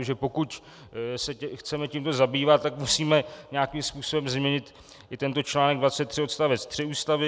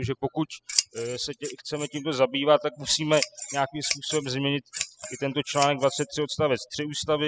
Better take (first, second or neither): first